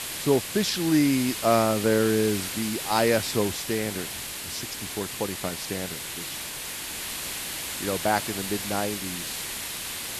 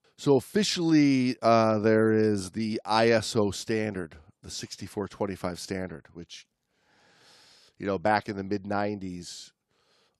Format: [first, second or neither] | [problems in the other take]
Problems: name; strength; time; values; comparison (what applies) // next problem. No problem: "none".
second | hiss; loud; throughout; 5 dB below the speech